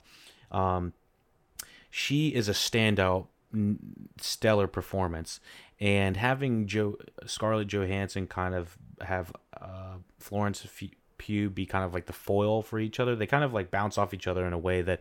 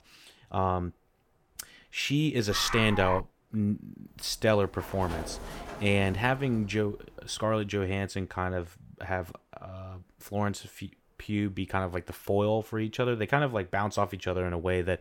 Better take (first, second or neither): first